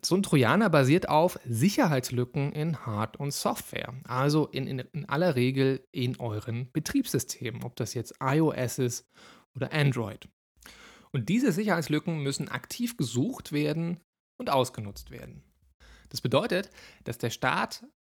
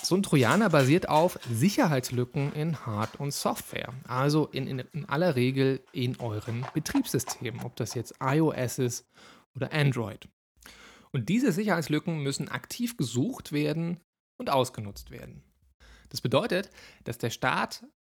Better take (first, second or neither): first